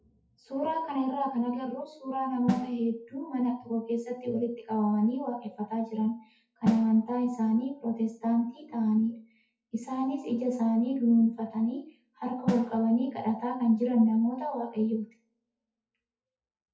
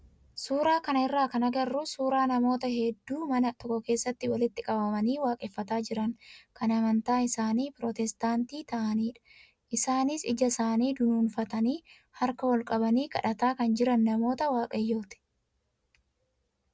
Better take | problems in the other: second | noise reduction (classical method WPE with log-MMSE)

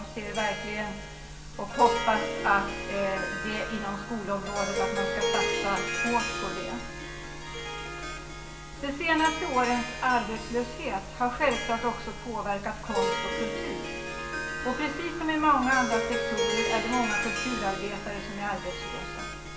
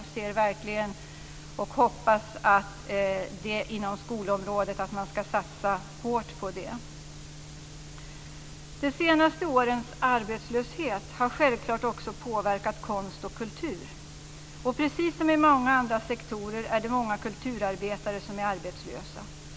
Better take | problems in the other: second | background sound (Harp); 3 dB below the speech // room echo; dies away in 1.1 s

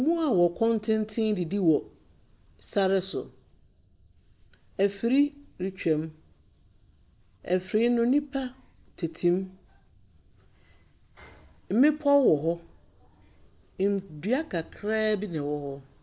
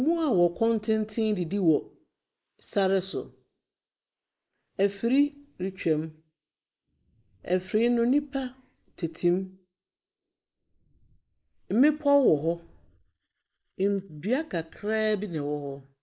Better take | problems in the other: first | noise reduction (neural mask model Resemble Enhance denoiser)

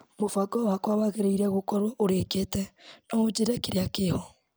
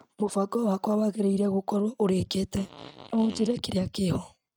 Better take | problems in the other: first | noise reduction (neural mask model RNNoise)

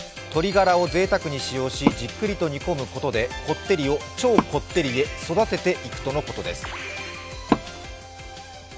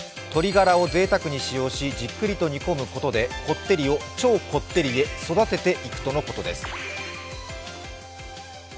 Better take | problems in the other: second | background sound (Wood); 8 dB below the speech

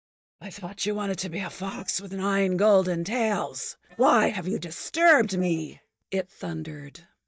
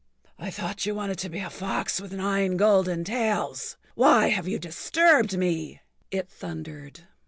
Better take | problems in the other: second | noise reduction (neural mask model DeepFilterNet 3)

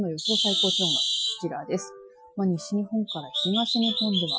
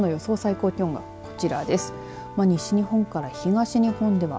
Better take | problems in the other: second | noise reduction (classical method Wiener filter)

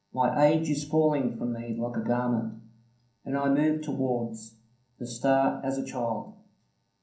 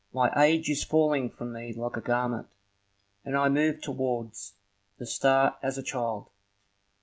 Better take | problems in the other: second | room echo; dies away in 0.6 s

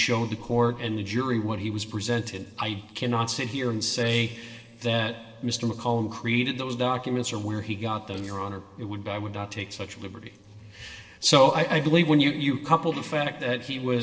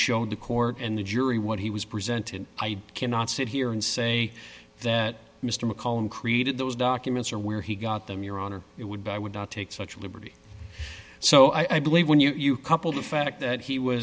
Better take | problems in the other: second | noise reduction (neural separator model SepFormer DNS4)

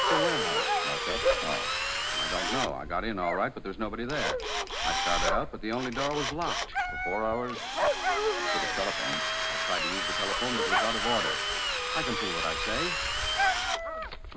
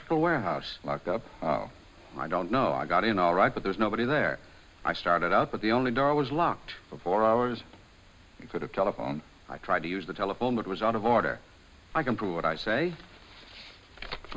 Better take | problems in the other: second | background sound (Drill + Dog); 5 dB above the speech

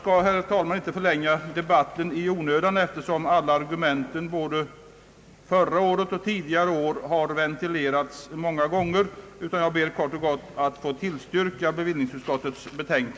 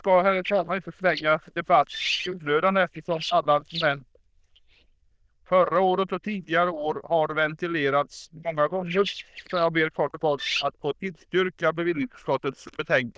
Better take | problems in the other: first | noise reduction (neural diffusion model UNIVERSE++)

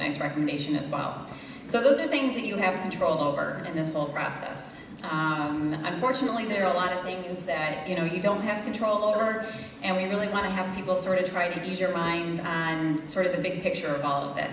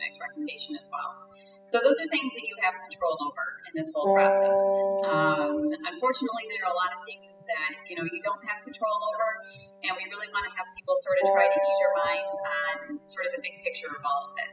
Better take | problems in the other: first | noise reduction (classical method spectral subtraction)

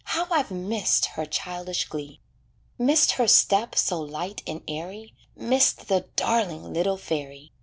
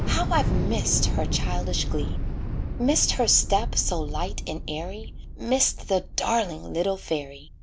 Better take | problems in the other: first | background sound (Thunder / Explosion); 1 dB below the speech

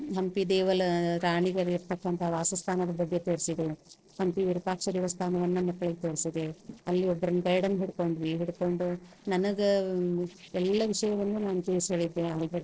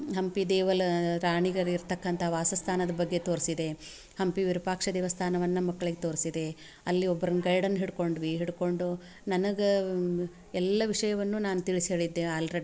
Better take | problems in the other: second | noise reduction (neural separator model SepFormer DNS4)

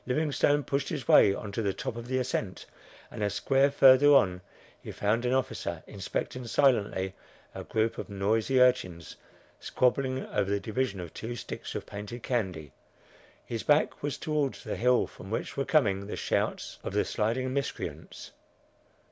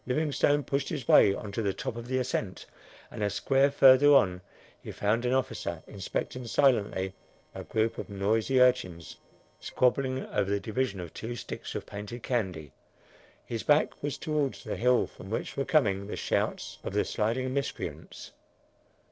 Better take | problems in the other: first | noise reduction (neural separator model SepFormer DNS4)

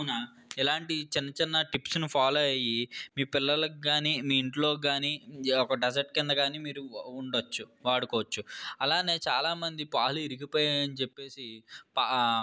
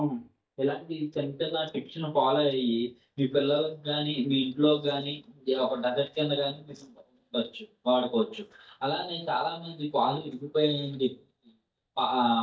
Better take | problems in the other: first | noise reduction (neural mask model DeepFilterNet 3)

